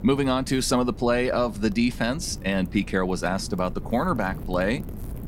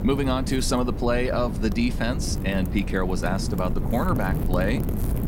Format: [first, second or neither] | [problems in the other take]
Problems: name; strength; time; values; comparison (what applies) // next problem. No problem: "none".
first | wind noise on the microphone; heavy; 10 dB below the speech; occasional gusts in the first